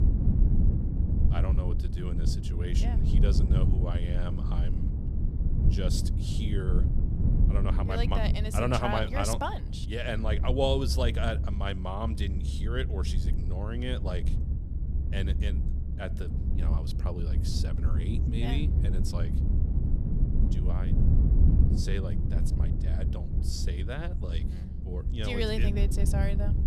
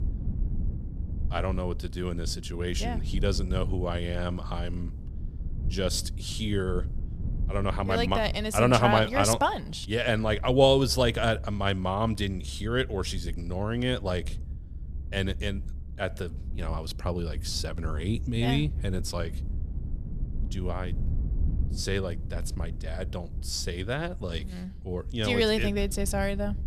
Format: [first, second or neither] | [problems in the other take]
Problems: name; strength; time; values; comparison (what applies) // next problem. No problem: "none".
second | low rumble; loud; throughout; 7 dB below the speech; faint in the second